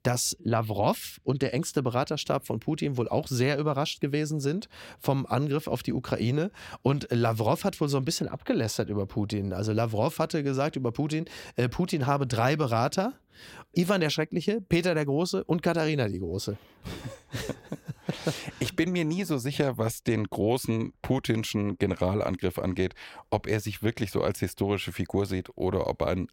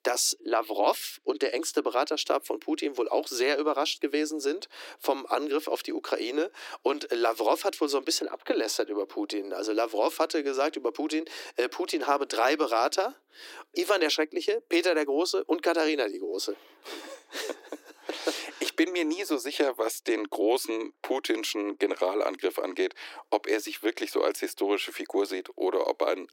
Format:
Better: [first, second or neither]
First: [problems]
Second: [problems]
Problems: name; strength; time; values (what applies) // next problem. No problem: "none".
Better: first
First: none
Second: thin; very; fading below 300 Hz